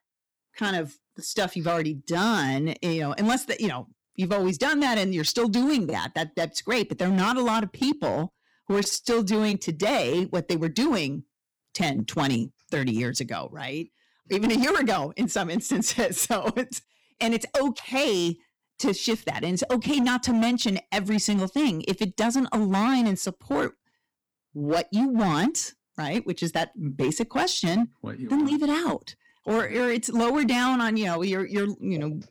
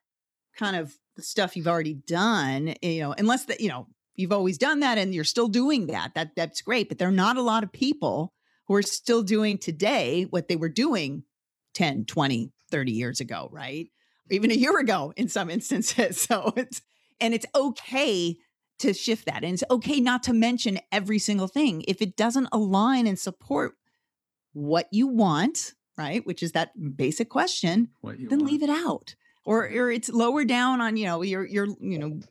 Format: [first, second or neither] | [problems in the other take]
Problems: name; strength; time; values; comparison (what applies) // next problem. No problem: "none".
second | distortion; slight; 11% of the sound clipped